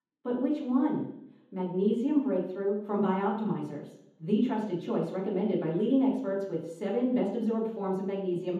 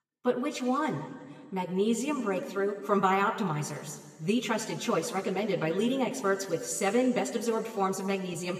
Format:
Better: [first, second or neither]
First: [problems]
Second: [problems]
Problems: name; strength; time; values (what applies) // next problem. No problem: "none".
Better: second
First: room echo; strong; dies away in 0.9 s // off-mic speech; far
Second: room echo; slight; dies away in 1.5 s // off-mic speech; somewhat distant